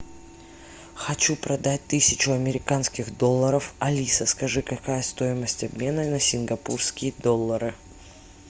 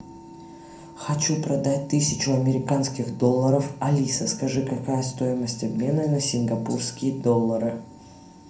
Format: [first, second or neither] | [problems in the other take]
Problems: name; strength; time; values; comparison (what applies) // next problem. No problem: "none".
first | room echo; dies away in 0.5 s